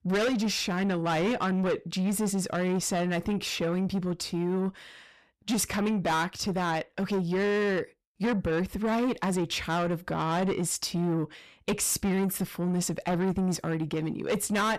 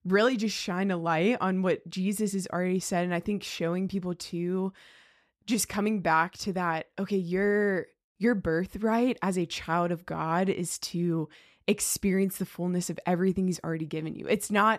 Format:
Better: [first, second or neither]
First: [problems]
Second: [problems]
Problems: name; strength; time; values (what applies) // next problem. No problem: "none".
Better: second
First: distortion; heavy; 8 dB below the speech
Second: none